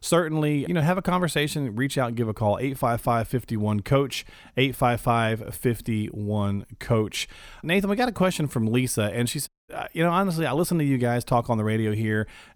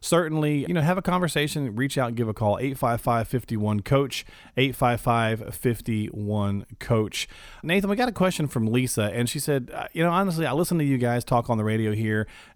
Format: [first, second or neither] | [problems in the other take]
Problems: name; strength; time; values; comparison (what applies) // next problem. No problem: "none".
second | audio cutting out; at 9.5 s